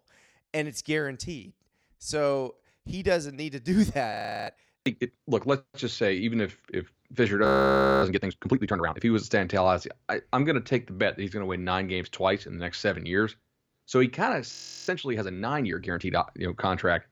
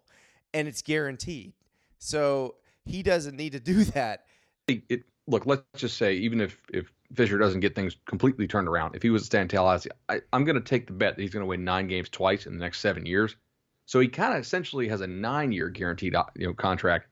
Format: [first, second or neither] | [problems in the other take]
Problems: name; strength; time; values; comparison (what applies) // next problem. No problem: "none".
second | audio freezing; at 4 s, at 7.5 s for 0.5 s and at 15 s